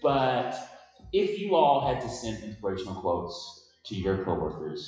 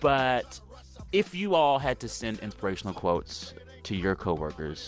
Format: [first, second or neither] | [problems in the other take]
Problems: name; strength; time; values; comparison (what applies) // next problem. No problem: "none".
second | noise reduction (classical method WPE with log-MMSE)